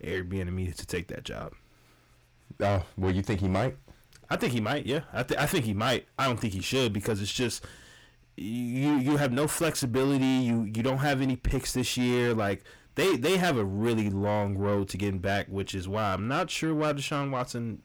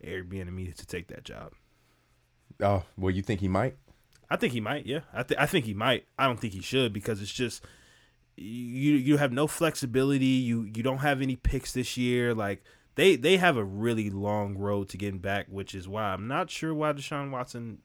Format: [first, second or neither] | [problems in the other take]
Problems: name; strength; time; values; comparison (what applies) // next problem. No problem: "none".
second | distortion; heavy; 7 dB below the speech